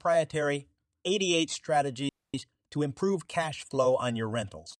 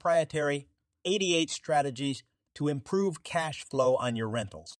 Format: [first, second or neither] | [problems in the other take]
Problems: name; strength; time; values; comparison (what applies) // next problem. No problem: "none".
second | audio freezing; at 2 s